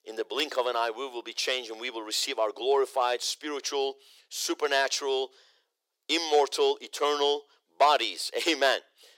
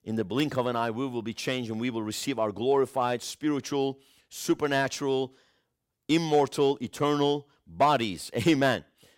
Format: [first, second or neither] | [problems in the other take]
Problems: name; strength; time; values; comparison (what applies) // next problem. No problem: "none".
second | thin; very; fading below 400 Hz